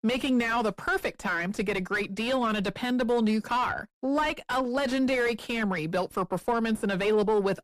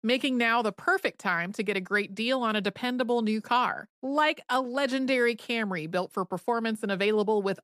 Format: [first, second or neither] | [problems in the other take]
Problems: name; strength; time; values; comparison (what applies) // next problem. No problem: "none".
second | distortion; heavy; 6 dB below the speech